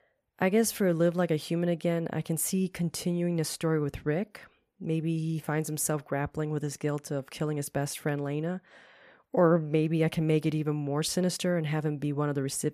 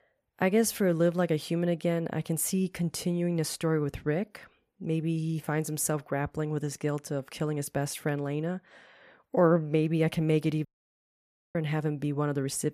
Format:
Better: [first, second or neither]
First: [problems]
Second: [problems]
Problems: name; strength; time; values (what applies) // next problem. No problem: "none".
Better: first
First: none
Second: audio cutting out; at 11 s for 1 s